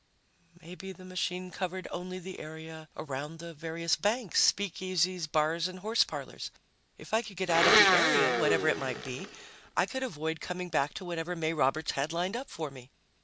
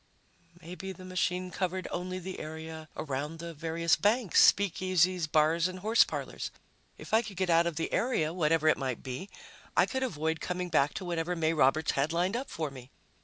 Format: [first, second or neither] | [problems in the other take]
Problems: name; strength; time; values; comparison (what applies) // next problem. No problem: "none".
second | background sound (Domestic sounds, home sounds); 5 dB above the speech